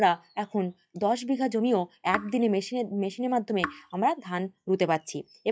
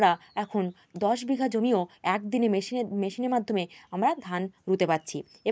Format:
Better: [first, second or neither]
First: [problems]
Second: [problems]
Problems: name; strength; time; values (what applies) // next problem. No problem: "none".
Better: second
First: noise reduction (classical method log-MMSE)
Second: none